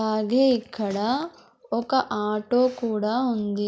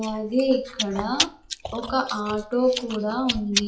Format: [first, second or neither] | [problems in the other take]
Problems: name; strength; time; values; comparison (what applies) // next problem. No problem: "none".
first | noise reduction (classical method WPE with log-MMSE)